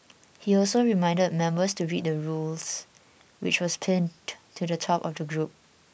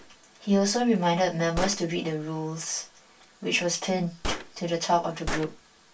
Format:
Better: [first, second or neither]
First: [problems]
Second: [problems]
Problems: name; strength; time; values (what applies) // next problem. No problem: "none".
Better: first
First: none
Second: background sound (Gunshot, gunfire); 11 dB below the speech // room echo; dies away in 0.2 s